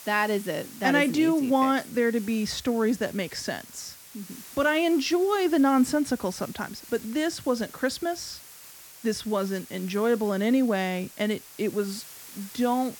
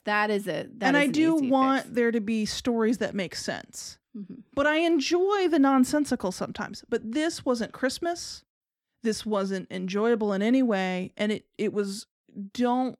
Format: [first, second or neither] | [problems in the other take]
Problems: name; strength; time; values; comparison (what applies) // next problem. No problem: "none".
second | hiss; noticeable; throughout; 20 dB below the speech